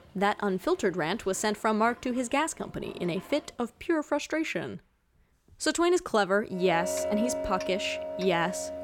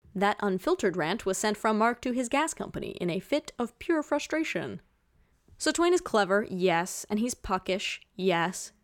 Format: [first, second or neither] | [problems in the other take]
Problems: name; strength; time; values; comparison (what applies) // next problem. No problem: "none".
second | household noises; loud; throughout; 6 dB below the speech